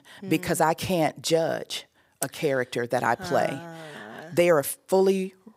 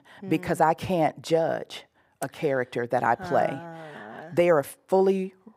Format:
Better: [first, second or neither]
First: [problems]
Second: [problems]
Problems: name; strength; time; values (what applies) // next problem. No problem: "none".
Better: first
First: none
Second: muffled; slightly; fading above 3 kHz